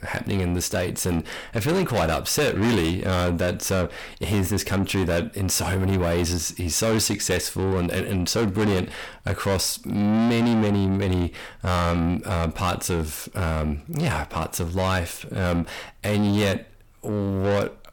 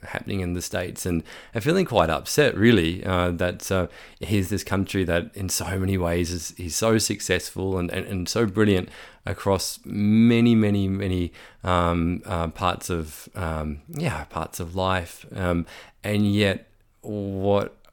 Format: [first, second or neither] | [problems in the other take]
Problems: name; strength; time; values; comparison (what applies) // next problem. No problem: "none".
second | distortion; heavy; 6 dB below the speech